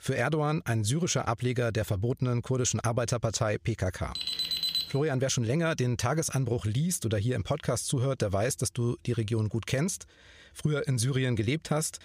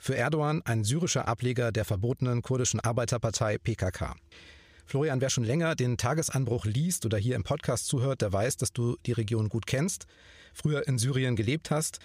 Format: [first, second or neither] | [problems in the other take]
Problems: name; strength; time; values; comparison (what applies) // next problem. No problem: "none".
second | alarm; loud; at 4 s; peak 2 dB above the speech